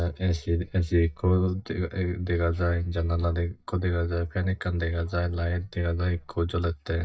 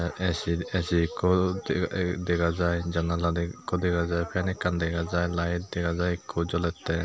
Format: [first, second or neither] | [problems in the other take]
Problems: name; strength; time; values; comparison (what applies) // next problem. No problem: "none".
second | noise reduction (neural mask model DeepFilterNet 3)